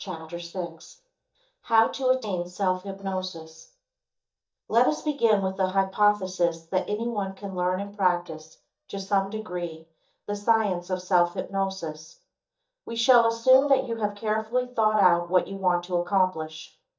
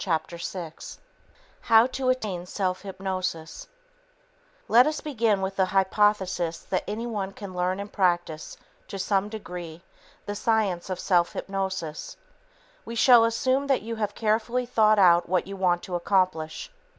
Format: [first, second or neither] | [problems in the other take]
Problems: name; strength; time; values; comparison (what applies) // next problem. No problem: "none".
second | noise reduction (neural mask model DeepFilterNet 3)